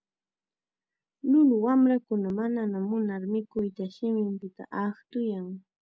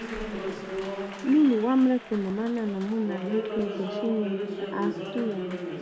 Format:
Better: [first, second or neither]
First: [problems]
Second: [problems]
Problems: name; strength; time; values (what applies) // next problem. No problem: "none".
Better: first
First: none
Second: background sound (Applause); 7 dB below the speech